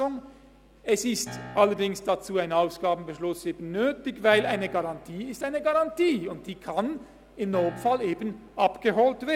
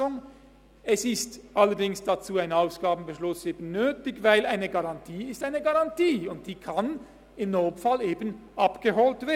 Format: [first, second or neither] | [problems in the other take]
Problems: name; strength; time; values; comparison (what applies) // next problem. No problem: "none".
second | background sound (Piano); 18 dB below the speech